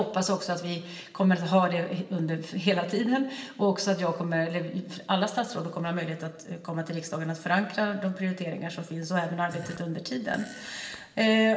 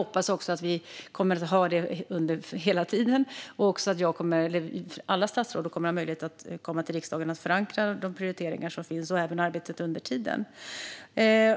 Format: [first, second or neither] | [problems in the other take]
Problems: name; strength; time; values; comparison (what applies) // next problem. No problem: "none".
second | background sound (Fart); 17 dB below the speech // room echo; dies away in 0.9 s